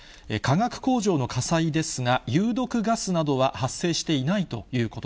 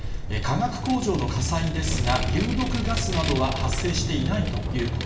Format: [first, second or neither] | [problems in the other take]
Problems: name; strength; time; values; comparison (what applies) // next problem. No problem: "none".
first | background sound (Vehicle); as loud as the speech // room echo; dies away in 0.8 s